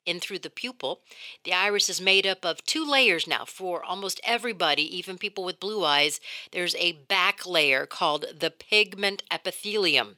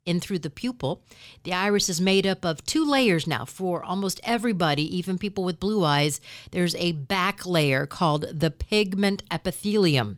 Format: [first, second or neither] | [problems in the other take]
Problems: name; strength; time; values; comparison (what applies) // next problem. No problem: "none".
second | thin; somewhat; fading below 500 Hz